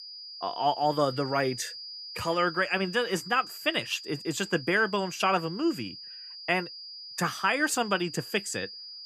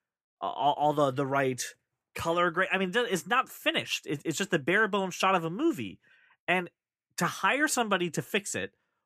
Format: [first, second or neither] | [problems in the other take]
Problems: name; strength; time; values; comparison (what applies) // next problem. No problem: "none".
second | high-pitched whine; noticeable; throughout; 5 kHz, 10 dB below the speech